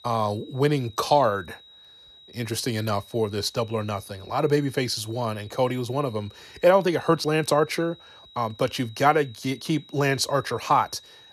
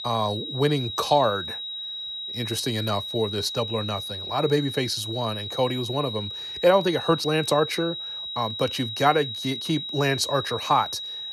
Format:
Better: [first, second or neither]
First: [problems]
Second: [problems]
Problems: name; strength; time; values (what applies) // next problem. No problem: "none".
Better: first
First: high-pitched whine; faint; throughout; 4 kHz, 25 dB below the speech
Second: high-pitched whine; loud; throughout; 4 kHz, 6 dB below the speech